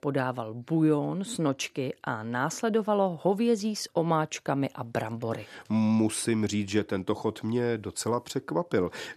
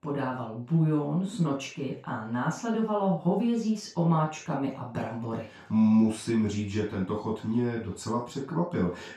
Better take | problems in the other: first | room echo; noticeable; dies away in 0.3 s // off-mic speech; far

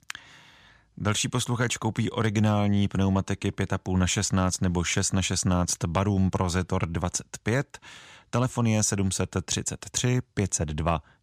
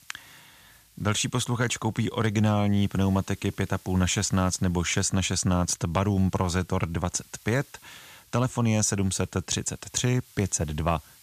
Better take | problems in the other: first | hiss; faint; throughout; 25 dB below the speech

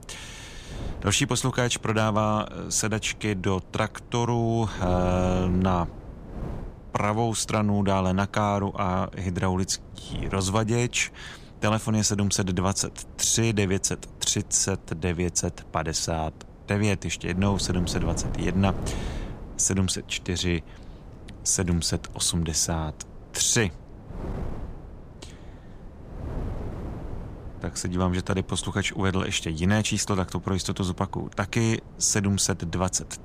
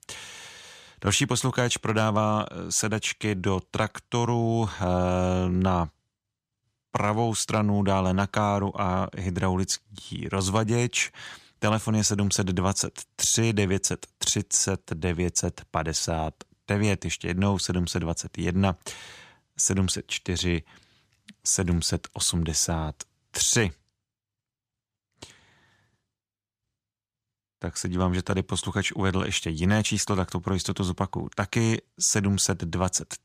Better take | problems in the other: second | wind noise on the microphone; occasional gusts; 20 dB below the speech

